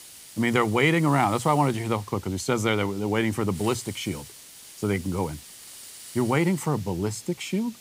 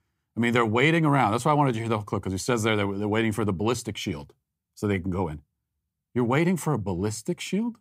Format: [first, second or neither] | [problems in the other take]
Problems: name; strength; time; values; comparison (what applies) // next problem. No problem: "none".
second | hiss; noticeable; throughout; 15 dB below the speech